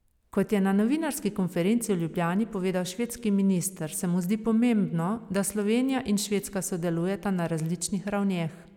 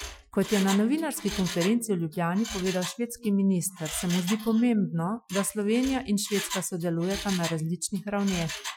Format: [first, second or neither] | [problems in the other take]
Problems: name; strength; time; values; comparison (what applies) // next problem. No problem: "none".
first | noise reduction (classical method Wiener filter)